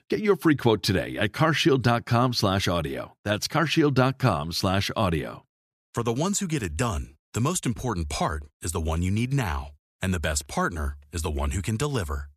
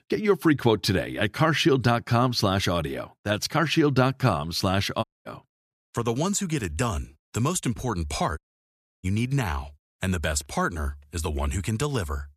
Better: first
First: none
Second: audio cutting out; at 5 s and at 8.5 s for 0.5 s

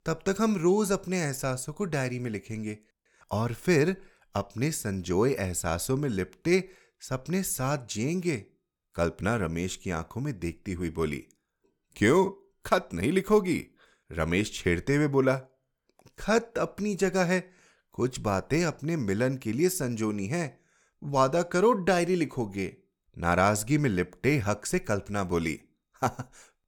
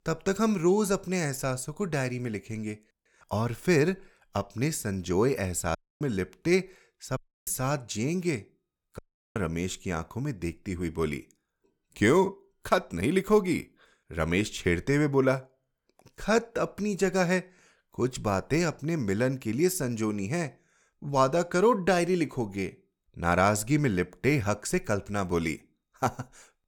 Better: first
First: none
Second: audio cutting out; at 6 s, at 7 s and at 9 s

